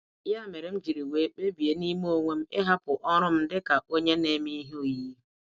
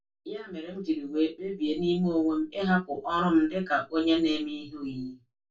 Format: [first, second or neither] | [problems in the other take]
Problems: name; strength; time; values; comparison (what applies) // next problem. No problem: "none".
first | room echo; dies away in 0.2 s